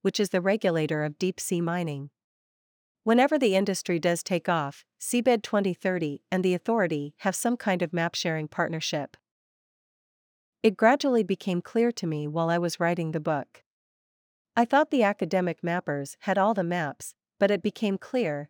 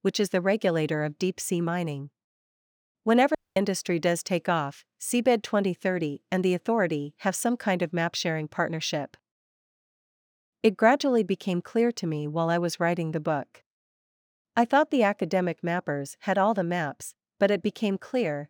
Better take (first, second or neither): first